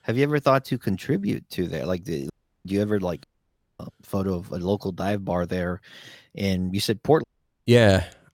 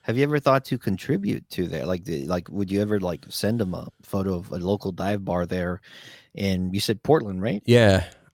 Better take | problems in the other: second | audio cutting out; at 2.5 s, at 3 s for 0.5 s and at 7 s

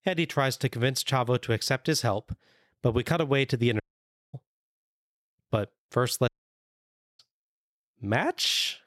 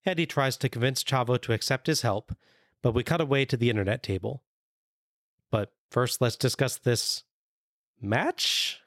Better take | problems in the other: second | audio cutting out; at 4 s for 0.5 s and at 6.5 s for 1 s

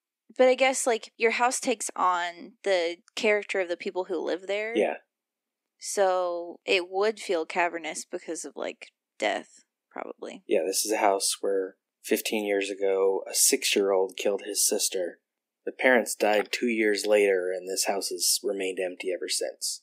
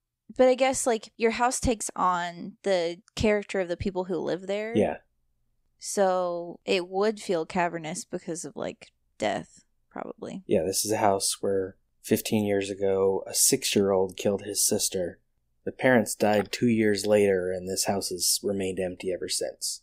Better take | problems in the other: second | thin; very slightly; fading below 250 Hz

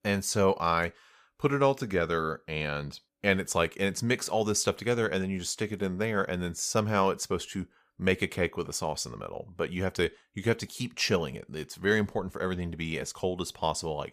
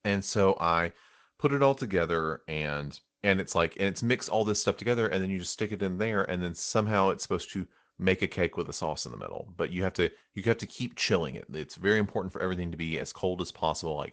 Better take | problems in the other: first | garbled, watery; slightly

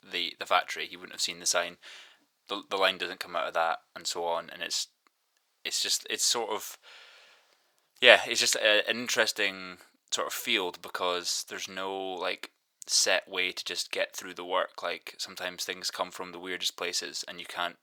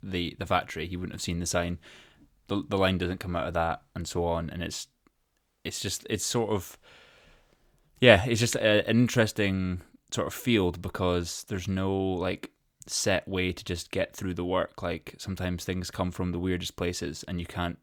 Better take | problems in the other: second | thin; very; fading below 700 Hz

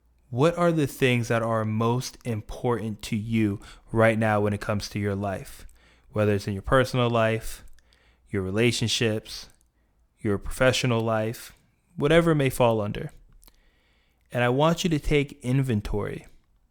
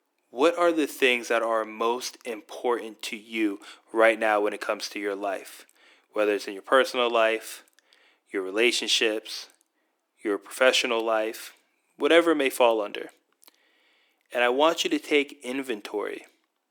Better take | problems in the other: first | thin; somewhat; fading below 300 Hz

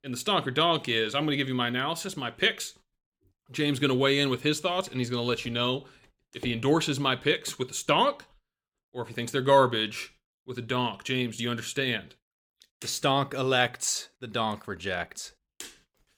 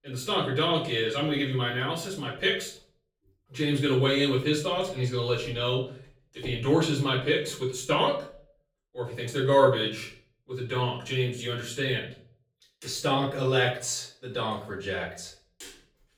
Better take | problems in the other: first | off-mic speech; far // room echo; slight; dies away in 0.4 s

